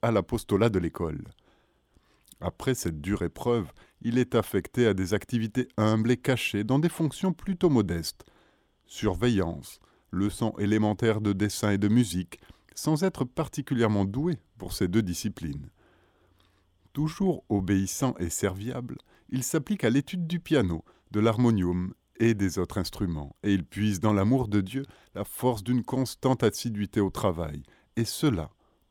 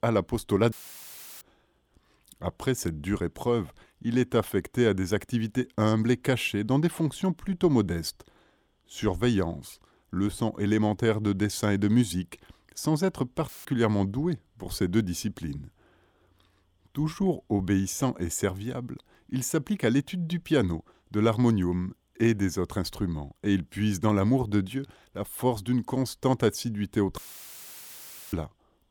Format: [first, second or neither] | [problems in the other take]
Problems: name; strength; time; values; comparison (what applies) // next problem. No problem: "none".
first | audio cutting out; filled with static; at 0.5 s for 0.5 s, at 13 s and at 27 s for 1 s